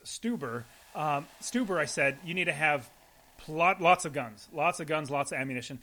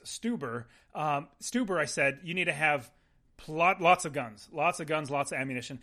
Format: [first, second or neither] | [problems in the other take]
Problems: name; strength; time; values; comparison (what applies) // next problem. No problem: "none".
second | hiss; faint; throughout; 25 dB below the speech